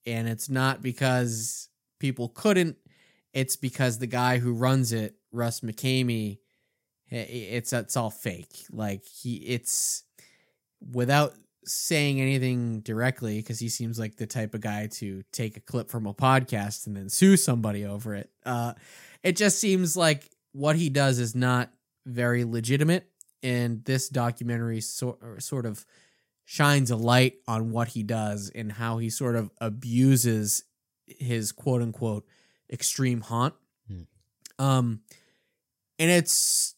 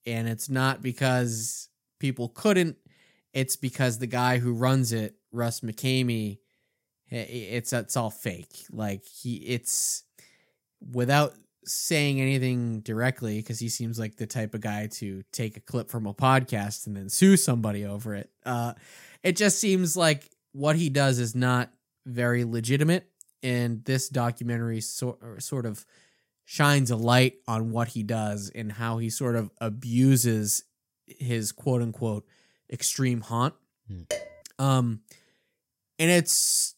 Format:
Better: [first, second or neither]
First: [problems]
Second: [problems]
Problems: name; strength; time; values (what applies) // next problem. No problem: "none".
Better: first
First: none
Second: clattering dishes; noticeable; at 34 s; peak 8 dB below the speech